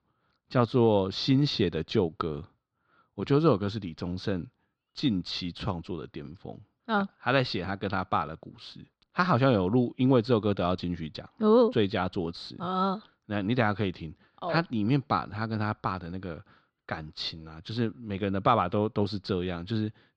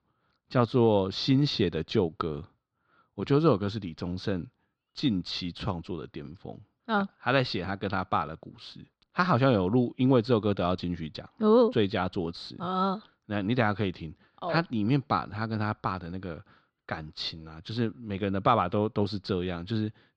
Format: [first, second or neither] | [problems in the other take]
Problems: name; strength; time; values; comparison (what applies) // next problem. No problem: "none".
neither | muffled; very slightly; fading above 4.5 kHz; the same in both